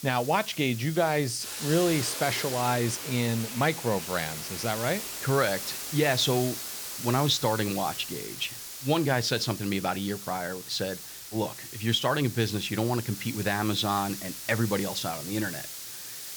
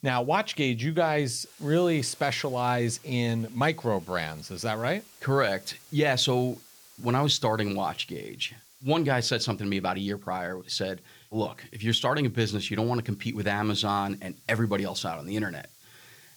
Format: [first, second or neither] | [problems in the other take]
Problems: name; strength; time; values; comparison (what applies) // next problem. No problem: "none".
second | hiss; loud; throughout; 7 dB below the speech; faint in the second